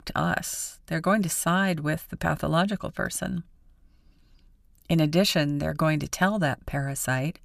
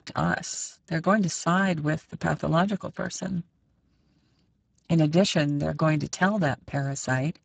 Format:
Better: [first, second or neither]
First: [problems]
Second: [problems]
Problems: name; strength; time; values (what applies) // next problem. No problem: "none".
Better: first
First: none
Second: garbled, watery; badly; nothing above 7.5 kHz